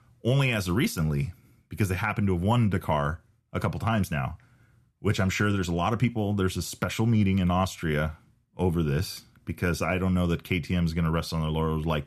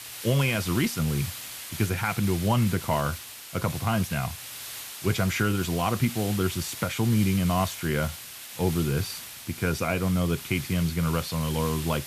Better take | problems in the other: first | hiss; loud; throughout; 10 dB below the speech

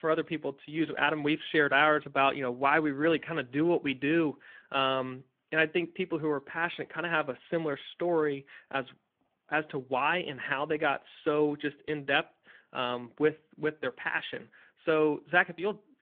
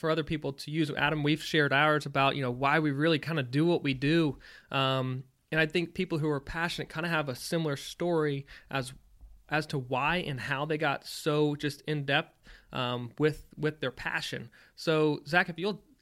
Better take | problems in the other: second | phone-call audio

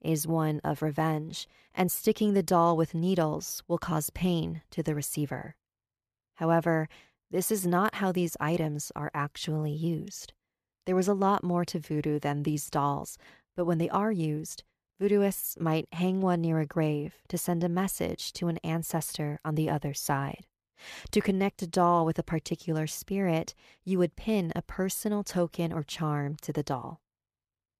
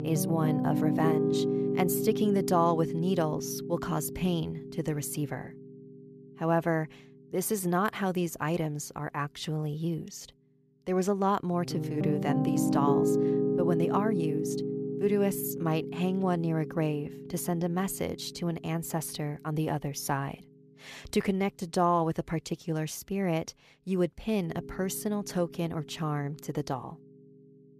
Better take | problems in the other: first | background music; loud; throughout; 1 dB below the speech

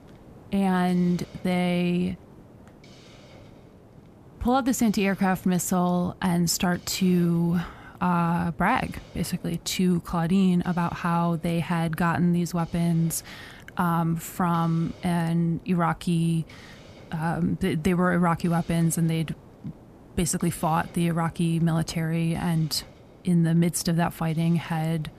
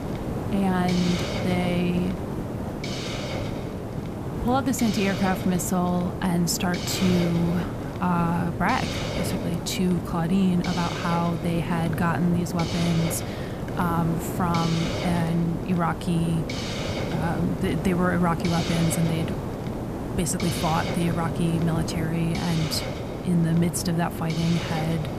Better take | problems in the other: first | hiss; loud; throughout; 4 dB below the speech; faint in the first

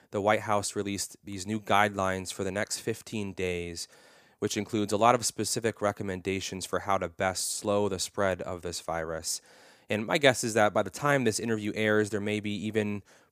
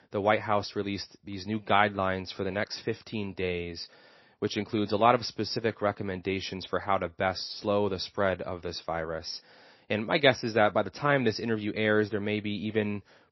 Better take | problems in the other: first | garbled, watery; slightly; nothing above 5.5 kHz

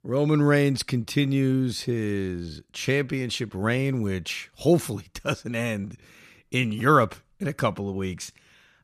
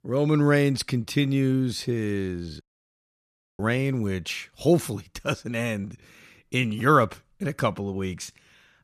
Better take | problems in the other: first | audio cutting out; at 2.5 s for 1 s

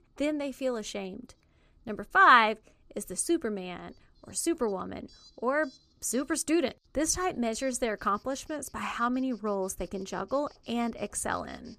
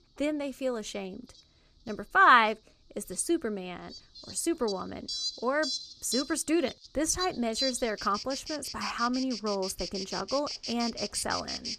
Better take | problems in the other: first | animal sounds; loud; throughout; 7 dB below the speech; faint in the first

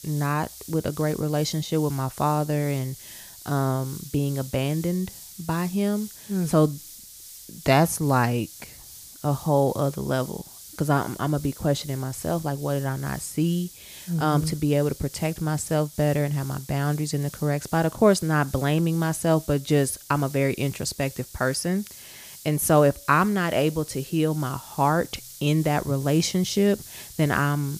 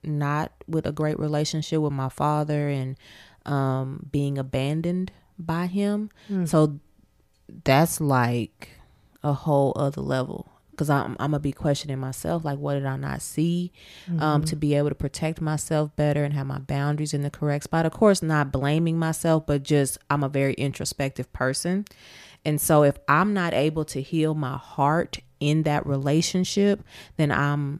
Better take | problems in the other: second | hiss; noticeable; throughout; 15 dB below the speech

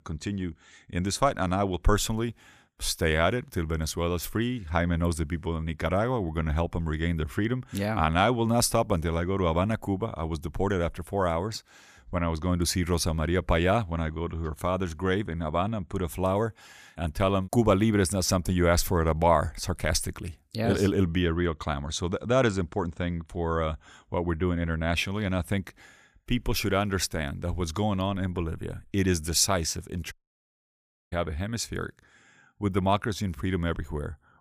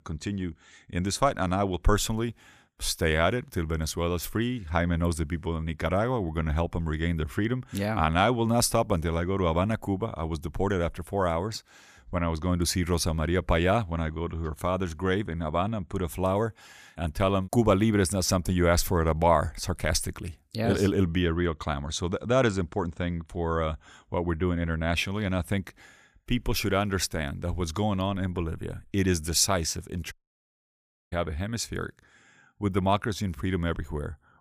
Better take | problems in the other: neither | audio cutting out; at 30 s for 1 s; the same in both

